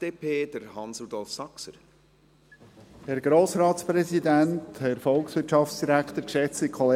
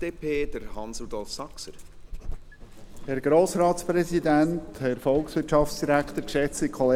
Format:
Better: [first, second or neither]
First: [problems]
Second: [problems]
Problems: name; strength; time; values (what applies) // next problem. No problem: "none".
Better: first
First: none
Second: background sound (Dog); 11 dB below the speech